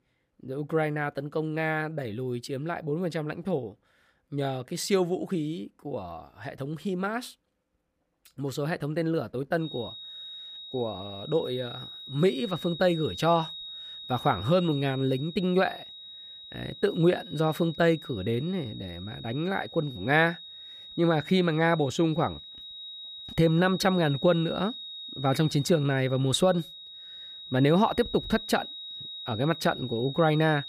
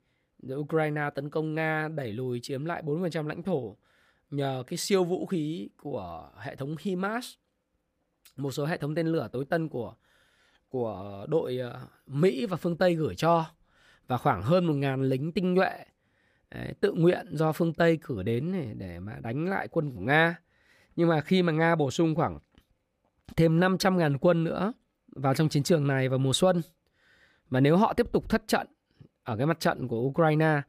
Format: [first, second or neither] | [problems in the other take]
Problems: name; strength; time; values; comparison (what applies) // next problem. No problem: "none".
second | high-pitched whine; noticeable; from 9.5 s on; 4 kHz, 10 dB below the speech